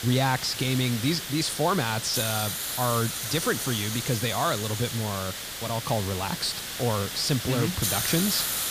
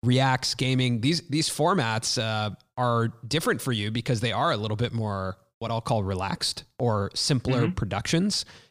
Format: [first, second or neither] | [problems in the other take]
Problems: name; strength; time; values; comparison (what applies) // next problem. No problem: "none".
second | hiss; loud; throughout; 3 dB below the speech